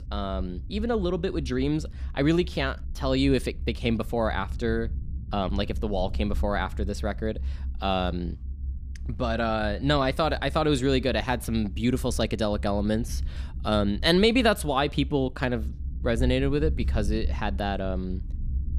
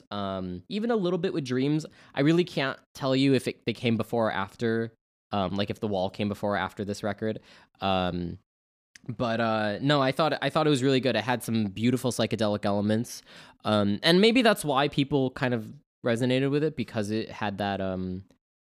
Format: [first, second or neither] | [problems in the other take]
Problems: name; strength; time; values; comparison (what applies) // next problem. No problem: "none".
second | low rumble; faint; throughout; 25 dB below the speech